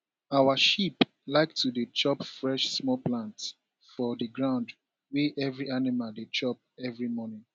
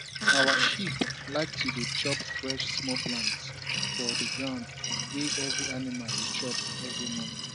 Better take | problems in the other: first | background sound (Sink (filling or washing)); 4 dB above the speech

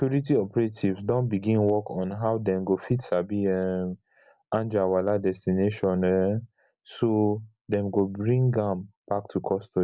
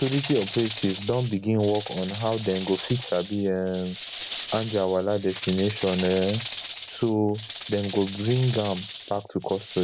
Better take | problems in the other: first | background sound (Rattle / Rattle (instrument)); 12 dB below the speech

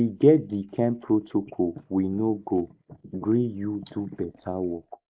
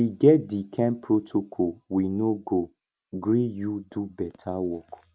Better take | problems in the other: second | noise reduction (neural mask model Resemble Enhance denoiser)

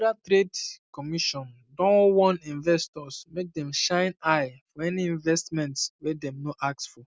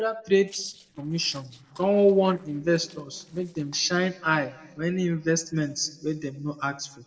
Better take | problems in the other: first | noise reduction (neural separator model SepFormer DNS4)

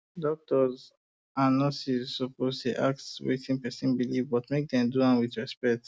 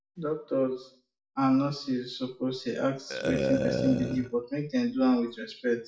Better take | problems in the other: first | noise reduction (classical method WPE with log-MMSE)

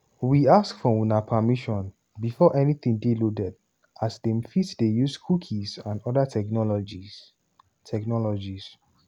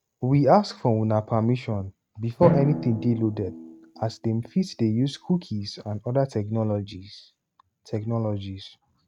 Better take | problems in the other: first | noise reduction (neural mask model RNNoise)

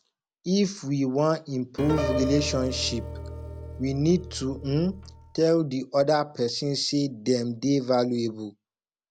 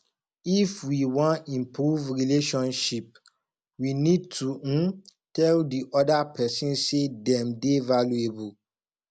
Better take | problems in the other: second | background sound (Piano); 7 dB below the speech

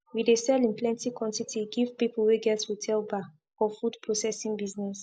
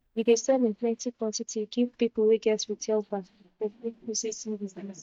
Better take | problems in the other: first | noise reduction (neural mask model DeepFilterNet 3)

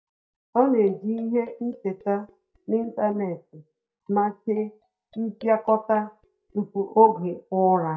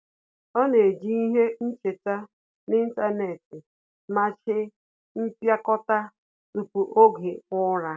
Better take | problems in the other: second | noise reduction (neural mask model DeepFilterNet 3)

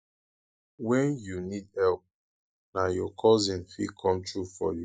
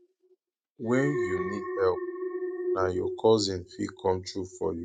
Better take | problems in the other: first | noise reduction (neural mask model RNNoise)

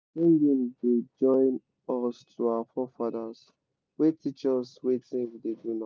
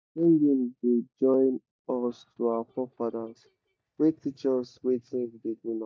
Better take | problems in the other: first | noise reduction (neural mask model DeepFilterNet 3)

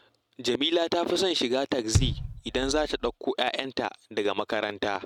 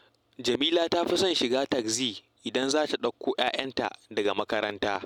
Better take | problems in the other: second | noise reduction (neural mask model RNNoise)

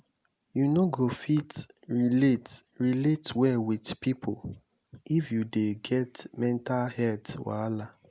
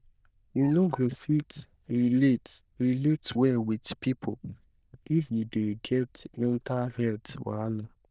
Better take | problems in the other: first | noise reduction (neural diffusion model UNIVERSE++)

